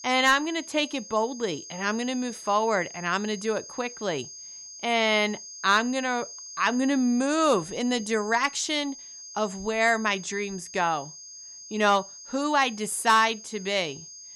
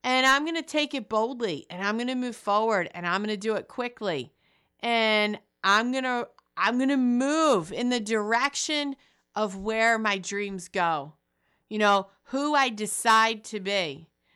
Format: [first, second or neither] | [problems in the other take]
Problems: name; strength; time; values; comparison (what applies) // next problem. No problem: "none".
second | high-pitched whine; noticeable; throughout; 6.5 kHz, 15 dB below the speech